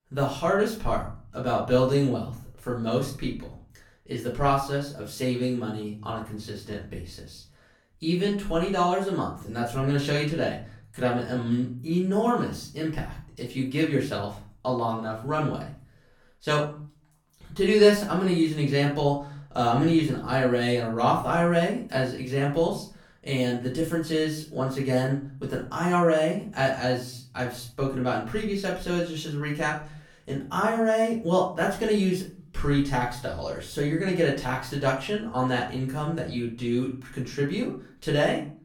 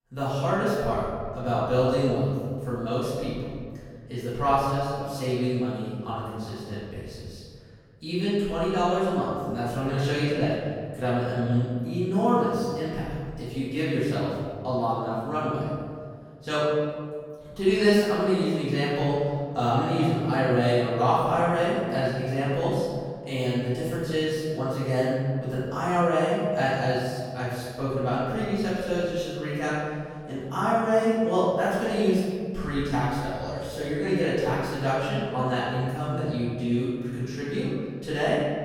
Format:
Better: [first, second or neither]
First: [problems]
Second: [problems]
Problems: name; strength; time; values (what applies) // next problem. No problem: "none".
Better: first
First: room echo; slight; dies away in 0.4 s // off-mic speech; far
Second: room echo; strong; dies away in 1.9 s // off-mic speech; far